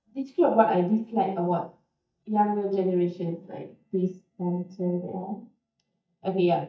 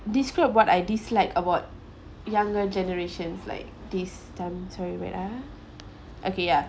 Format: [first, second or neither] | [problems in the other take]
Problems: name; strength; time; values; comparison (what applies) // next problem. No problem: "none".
second | noise reduction (neural mask model DeepFilterNet 3)